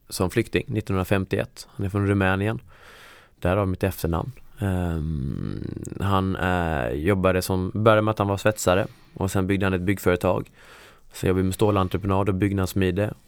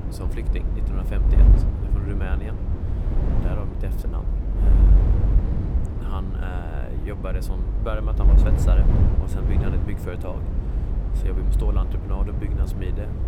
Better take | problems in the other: first | wind noise on the microphone; heavy; as loud as the speech

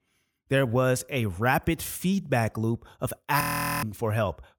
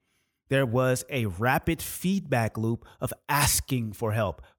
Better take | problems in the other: second | audio freezing; at 3.5 s

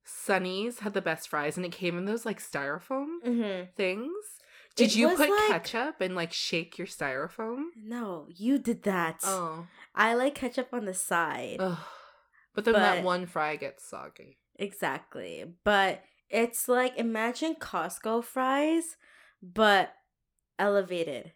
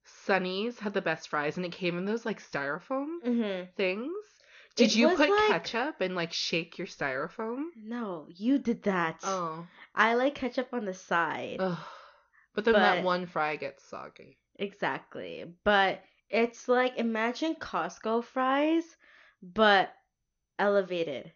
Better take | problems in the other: first | garbled, watery; slightly; nothing above 6.5 kHz

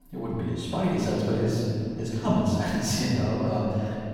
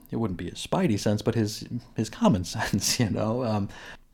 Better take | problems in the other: second | room echo; strong; dies away in 2.5 s // off-mic speech; far

